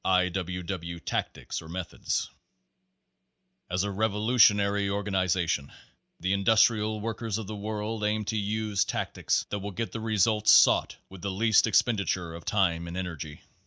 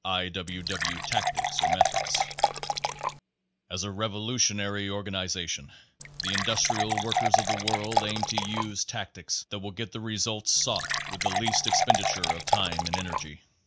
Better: first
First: none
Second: background sound (Fill (with liquid) / Water); 4 dB above the speech

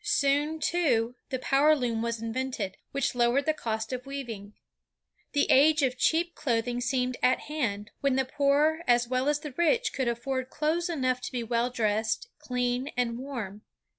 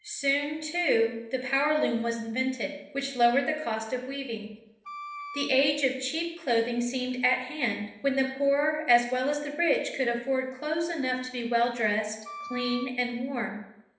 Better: first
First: none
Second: background sound (Wind instrument, woodwind instrument); 13 dB below the speech // room echo; dies away in 0.8 s

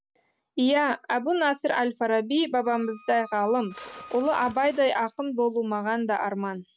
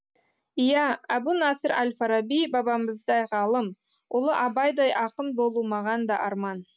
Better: second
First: background sound (Bird + Wind instrument, woodwind instrument); 19 dB below the speech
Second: none

